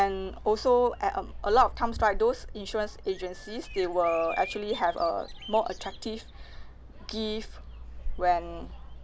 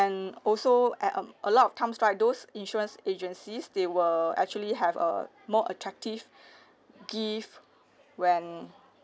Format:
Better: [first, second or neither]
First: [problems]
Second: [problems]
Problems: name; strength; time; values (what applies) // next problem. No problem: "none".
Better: second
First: background sound (Bird vocalization, bird call, bird song); 10 dB below the speech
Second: none